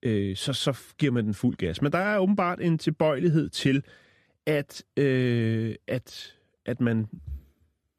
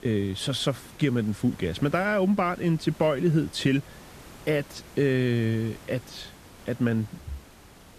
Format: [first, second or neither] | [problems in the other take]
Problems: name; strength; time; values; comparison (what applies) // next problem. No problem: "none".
first | hiss; faint; throughout; 20 dB below the speech